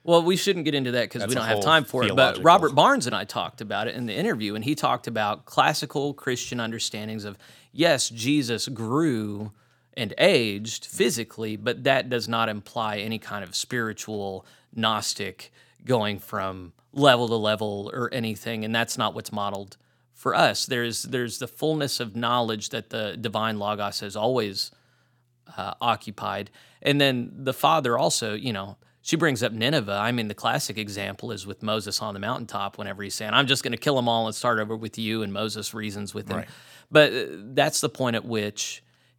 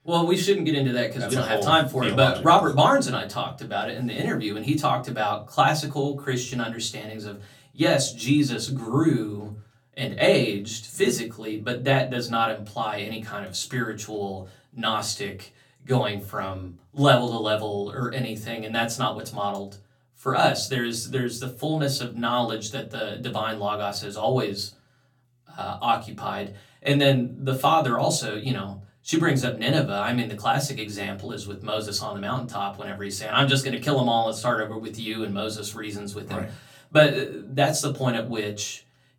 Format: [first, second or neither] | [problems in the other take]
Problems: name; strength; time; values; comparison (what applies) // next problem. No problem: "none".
first | off-mic speech; far // room echo; very slight; dies away in 0.2 s